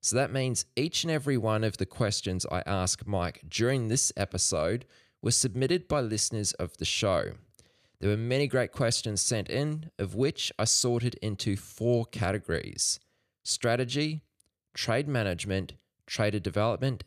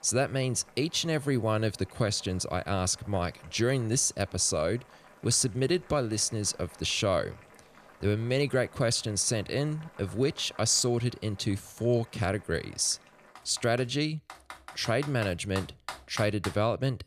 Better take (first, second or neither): first